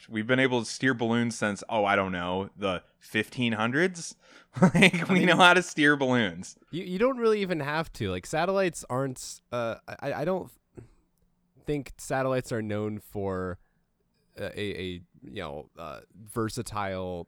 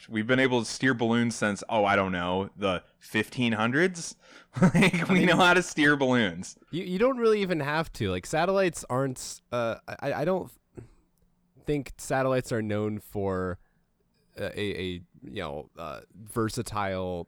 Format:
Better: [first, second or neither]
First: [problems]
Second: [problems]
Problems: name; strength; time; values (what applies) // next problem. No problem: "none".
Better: first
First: none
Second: distortion; slight; 10 dB below the speech